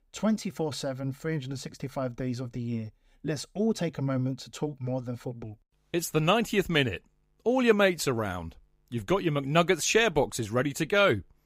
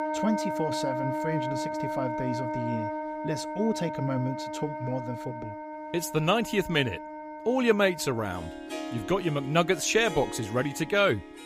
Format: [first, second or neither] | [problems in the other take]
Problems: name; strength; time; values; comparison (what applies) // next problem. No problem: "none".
first | background music; loud; throughout; 6 dB below the speech